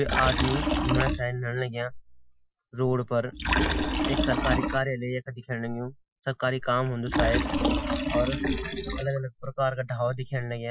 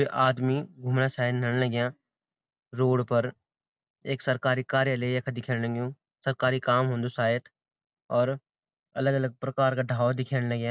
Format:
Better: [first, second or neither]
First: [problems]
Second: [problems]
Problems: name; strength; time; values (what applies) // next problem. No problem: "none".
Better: second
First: noise reduction (classical method Wiener filter)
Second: none